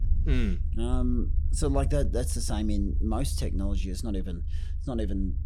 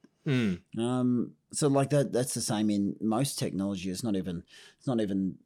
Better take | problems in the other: second | low rumble; noticeable; throughout; 15 dB below the speech

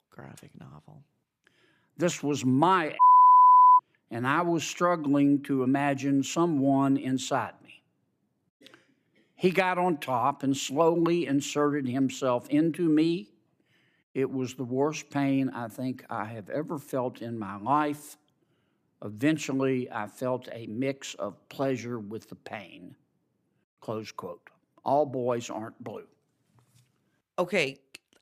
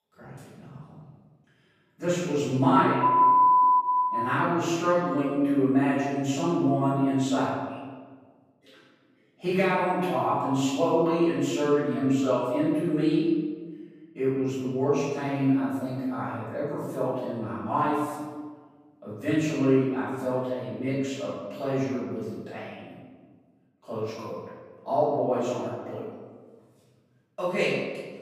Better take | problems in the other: first | off-mic speech; far // room echo; strong; dies away in 1.3 s

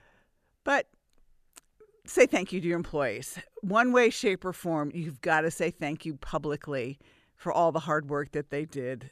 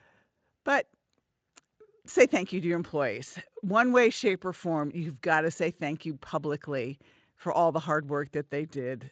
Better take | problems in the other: first | garbled, watery; slightly; nothing above 7.5 kHz

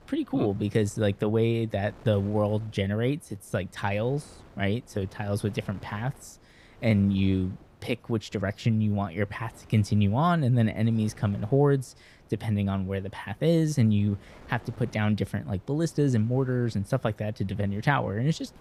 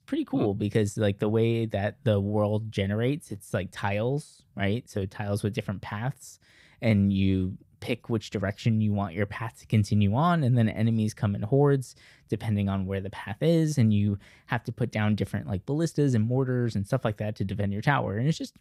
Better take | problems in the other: second | wind noise on the microphone; occasional gusts; 25 dB below the speech

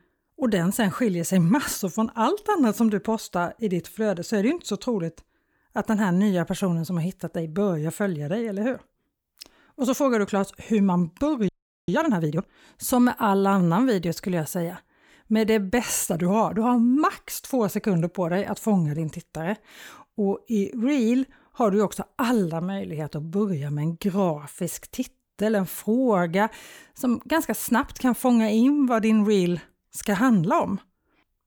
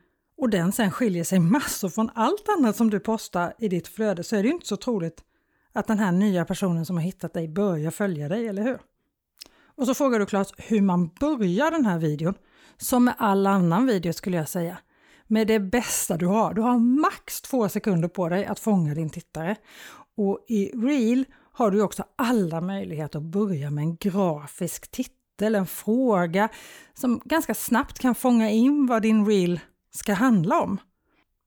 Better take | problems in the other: second | audio freezing; at 11 s

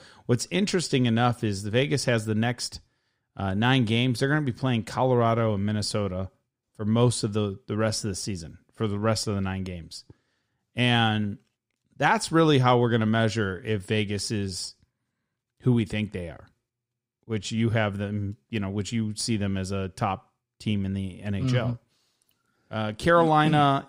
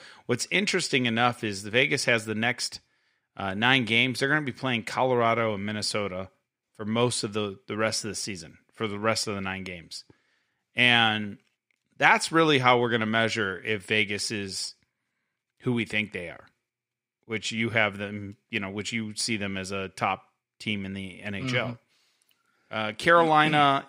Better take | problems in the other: first | thin; very slightly; fading below 300 Hz

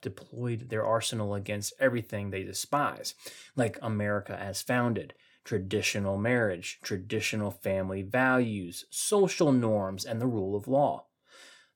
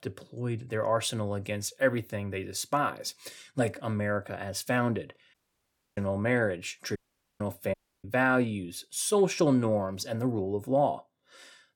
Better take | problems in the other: first | audio cutting out; at 5.5 s for 0.5 s, at 7 s and at 7.5 s

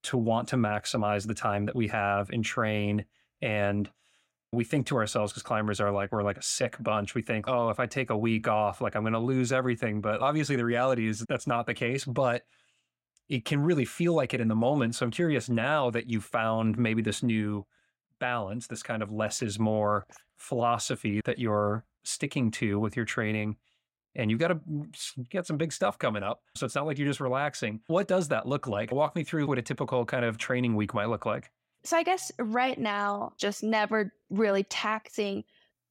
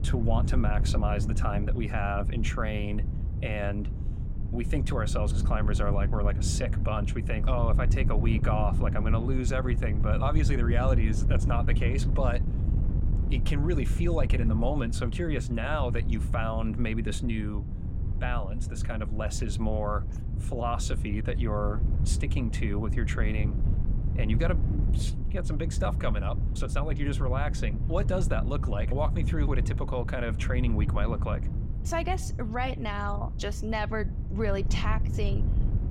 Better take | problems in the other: first | wind noise on the microphone; heavy; 10 dB below the speech

